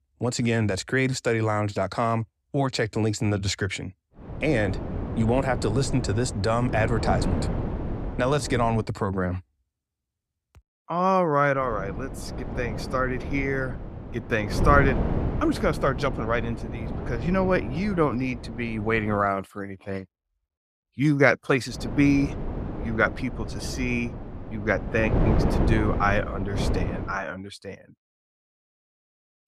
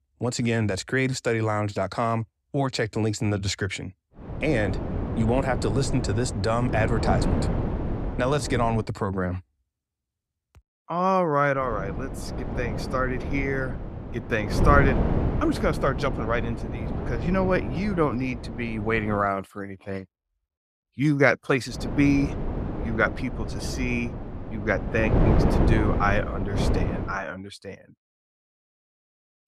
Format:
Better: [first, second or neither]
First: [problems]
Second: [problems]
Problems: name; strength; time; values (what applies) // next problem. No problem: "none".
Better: first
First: wind noise on the microphone; occasional gusts; from 4 to 9 s, from 12 to 19 s and from 22 to 27 s; 10 dB below the speech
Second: wind noise on the microphone; heavy; from 4 to 9 s, from 12 to 19 s and from 22 to 27 s; 8 dB below the speech